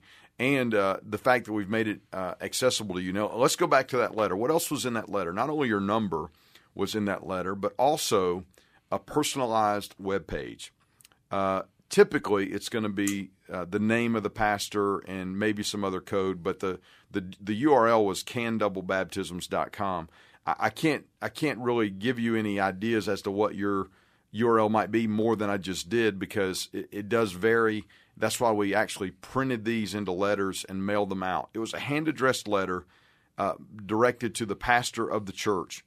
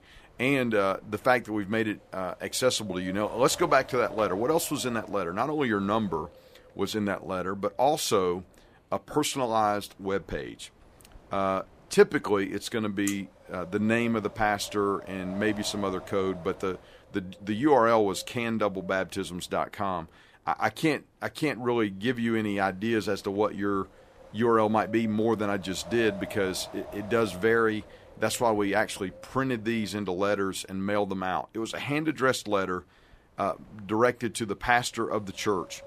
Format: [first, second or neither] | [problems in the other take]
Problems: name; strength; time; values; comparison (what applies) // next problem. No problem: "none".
first | wind noise on the microphone; occasional gusts; 20 dB below the speech